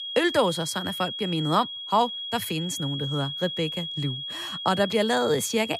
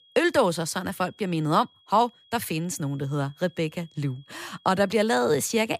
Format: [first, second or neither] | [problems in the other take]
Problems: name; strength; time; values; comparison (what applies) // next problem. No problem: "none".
second | high-pitched whine; loud; throughout; 3.5 kHz, 6 dB below the speech; faint in the second